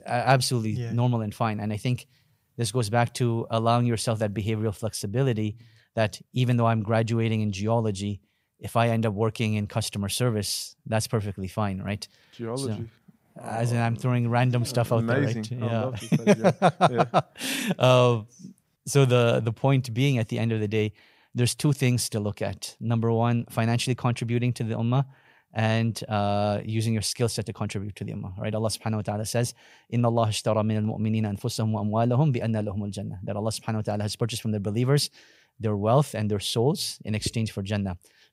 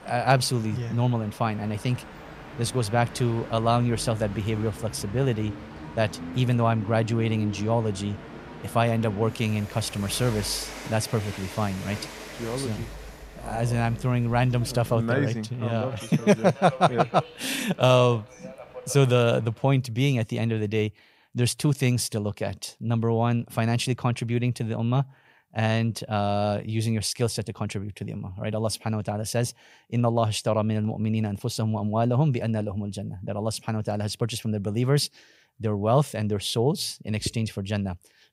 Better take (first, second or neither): first